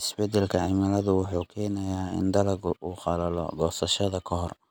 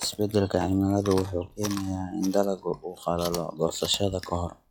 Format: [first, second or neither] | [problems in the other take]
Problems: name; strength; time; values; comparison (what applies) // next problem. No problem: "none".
first | noise reduction (classical method log-MMSE)